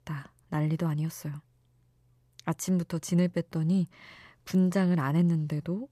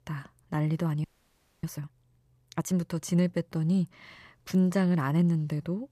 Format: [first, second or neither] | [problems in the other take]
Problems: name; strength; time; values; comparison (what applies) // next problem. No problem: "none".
first | audio freezing; at 1 s for 0.5 s